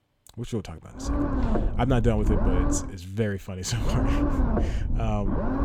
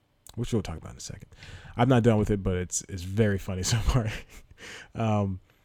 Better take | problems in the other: second | low rumble; loud; from 1 to 3 s and from 4 s on; 1 dB below the speech

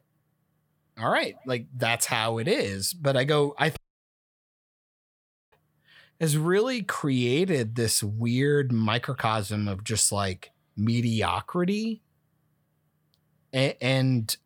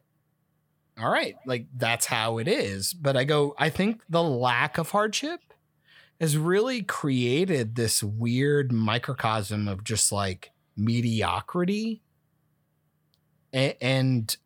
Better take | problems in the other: second | audio cutting out; at 4 s for 1.5 s

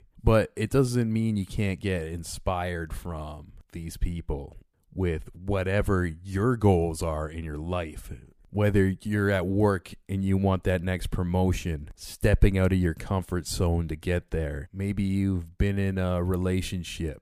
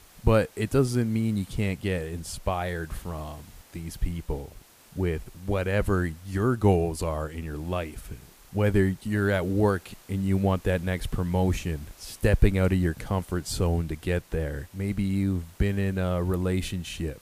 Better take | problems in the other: first | hiss; faint; throughout; 25 dB below the speech

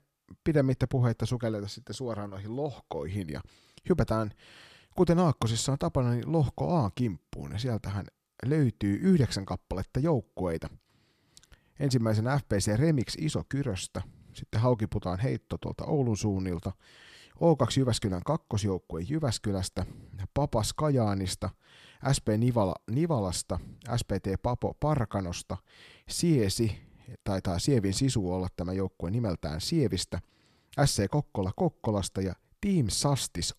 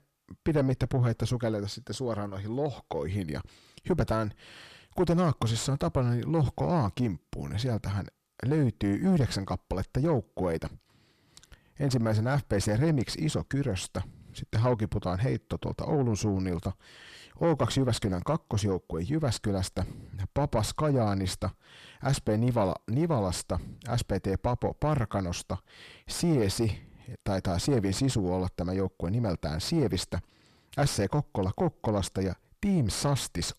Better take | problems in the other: first | distortion; slight; 10 dB below the speech

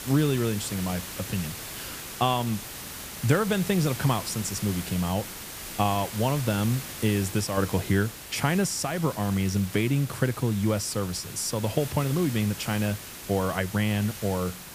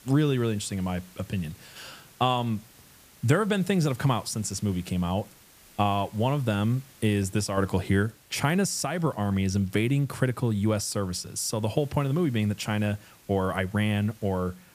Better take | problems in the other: second | hiss; loud; throughout; 10 dB below the speech; faint in the second

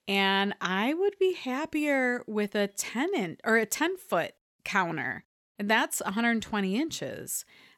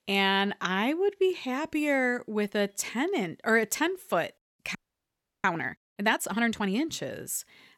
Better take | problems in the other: first | audio freezing; at 5 s for 0.5 s

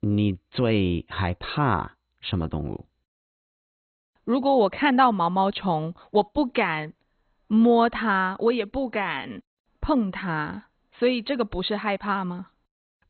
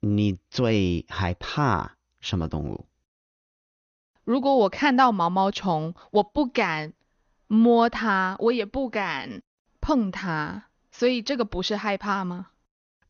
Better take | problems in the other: second | garbled, watery; badly; nothing above 4 kHz; slightly in the second

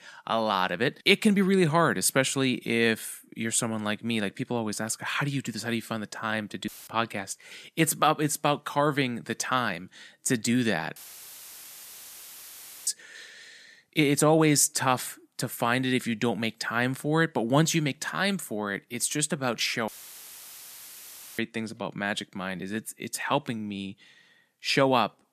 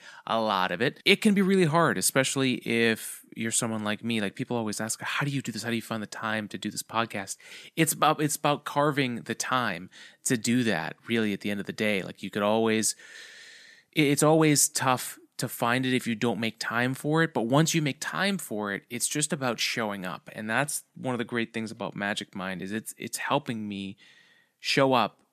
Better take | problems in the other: second | audio cutting out; filled with static; at 6.5 s, at 11 s for 2 s and at 20 s for 1.5 s

